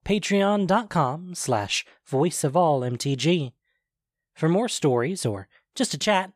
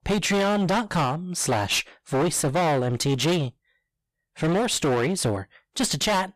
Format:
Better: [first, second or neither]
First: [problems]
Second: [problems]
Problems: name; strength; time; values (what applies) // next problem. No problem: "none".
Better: first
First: none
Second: distortion; heavy; 20% of the sound clipped